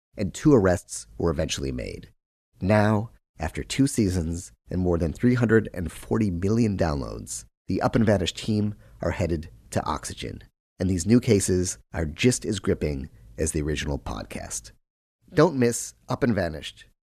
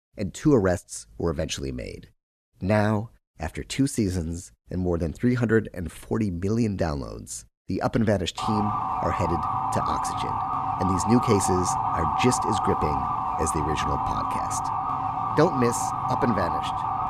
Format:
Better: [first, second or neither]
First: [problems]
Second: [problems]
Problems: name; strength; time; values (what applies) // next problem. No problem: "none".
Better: first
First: none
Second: siren; loud; from 8.5 s on; peak 2 dB above the speech